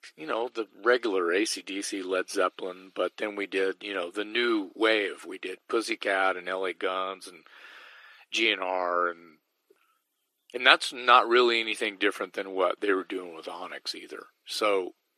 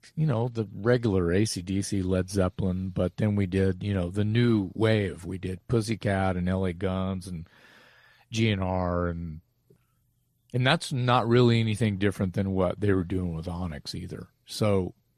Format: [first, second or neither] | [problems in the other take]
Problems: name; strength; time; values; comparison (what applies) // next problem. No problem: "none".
second | thin; very; fading below 300 Hz